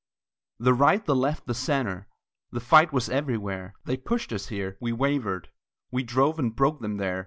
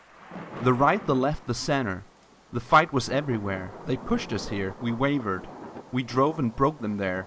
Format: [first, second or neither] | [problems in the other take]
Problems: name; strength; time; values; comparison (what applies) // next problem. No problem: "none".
first | background sound (Thunder / Rain); 16 dB below the speech